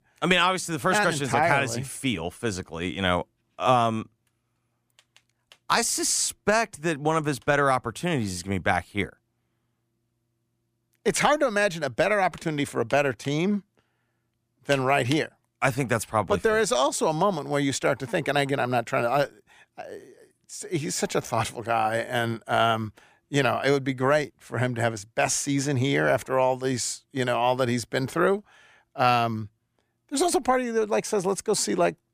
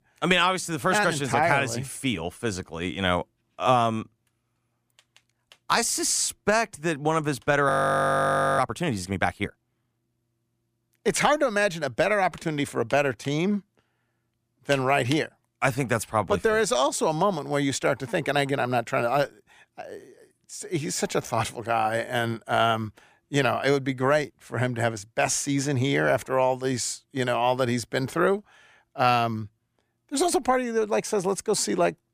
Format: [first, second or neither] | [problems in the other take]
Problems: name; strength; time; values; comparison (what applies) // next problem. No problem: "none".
first | audio freezing; at 7.5 s for 1 s